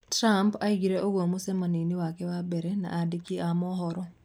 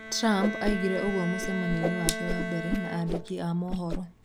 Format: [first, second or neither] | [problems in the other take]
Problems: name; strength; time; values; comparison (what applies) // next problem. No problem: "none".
first | background sound (Bowed string instrument + Whoosh, swoosh, swish); 3 dB below the speech